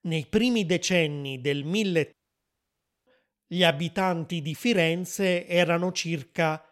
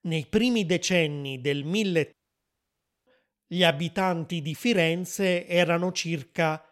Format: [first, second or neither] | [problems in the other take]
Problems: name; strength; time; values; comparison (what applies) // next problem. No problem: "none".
neither | audio cutting out; at 2 s for 1 s; the same in both